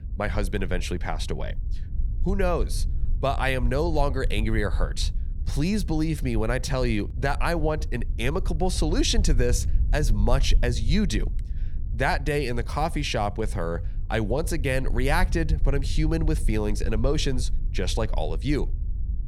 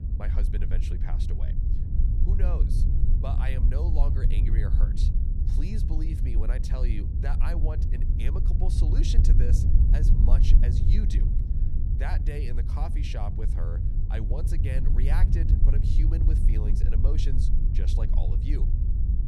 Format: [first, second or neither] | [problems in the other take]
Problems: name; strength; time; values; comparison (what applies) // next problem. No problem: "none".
first | low rumble; loud; throughout; 1 dB below the speech; faint in the first